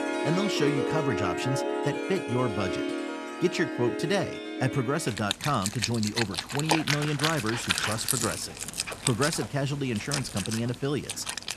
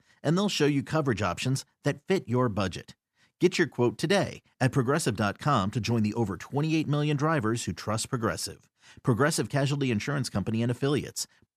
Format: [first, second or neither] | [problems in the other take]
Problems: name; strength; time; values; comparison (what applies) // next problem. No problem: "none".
second | background music; loud; throughout; 1 dB below the speech